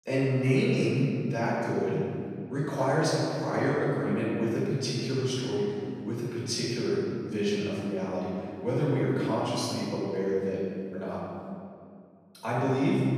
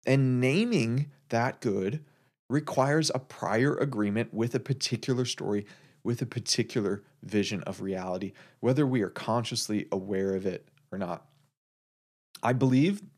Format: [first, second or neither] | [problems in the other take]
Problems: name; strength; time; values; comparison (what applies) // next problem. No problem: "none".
second | room echo; strong; dies away in 2.1 s // off-mic speech; far